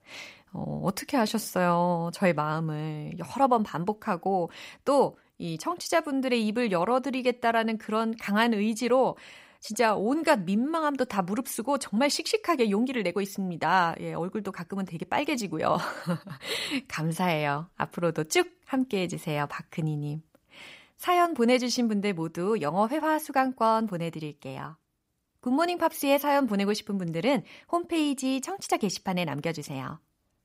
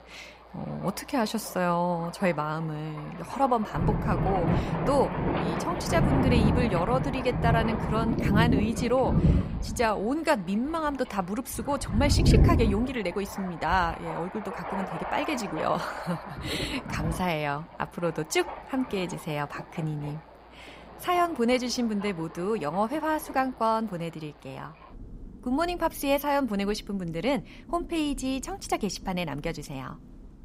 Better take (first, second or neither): first